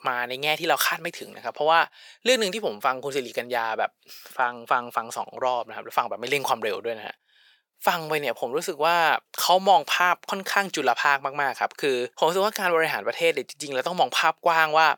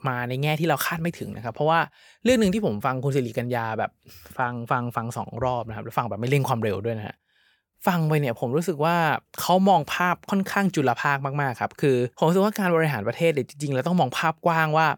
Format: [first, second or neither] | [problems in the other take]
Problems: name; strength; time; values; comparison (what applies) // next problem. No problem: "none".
second | thin; very; fading below 500 Hz